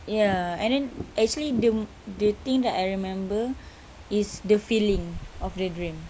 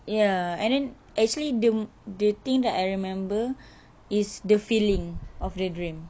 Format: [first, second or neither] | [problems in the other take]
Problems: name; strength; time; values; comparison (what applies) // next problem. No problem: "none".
second | background sound (Fireworks / Ocean); 16 dB below the speech